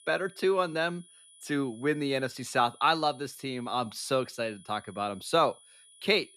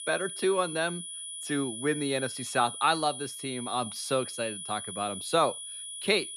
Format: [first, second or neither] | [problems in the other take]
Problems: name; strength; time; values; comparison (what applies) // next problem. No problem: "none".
first | high-pitched whine; loud; throughout; 10 kHz, 7 dB below the speech; faint in the first